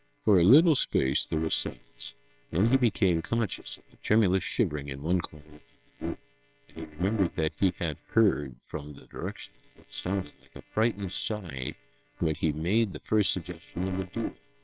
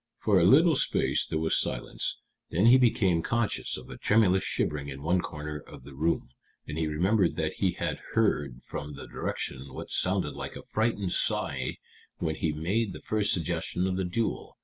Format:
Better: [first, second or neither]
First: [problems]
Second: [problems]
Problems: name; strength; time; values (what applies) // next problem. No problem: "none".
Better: second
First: noise reduction (neural separator model SepFormer WHAMR!)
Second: none